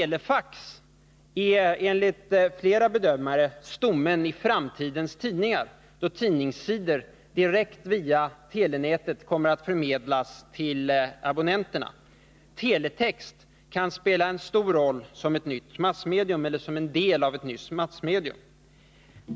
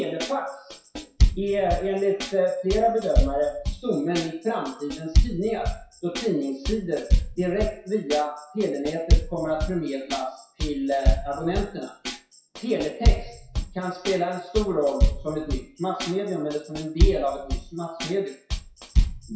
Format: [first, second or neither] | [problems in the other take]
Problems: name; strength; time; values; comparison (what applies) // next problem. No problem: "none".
first | noise reduction (classical method WPE with log-MMSE)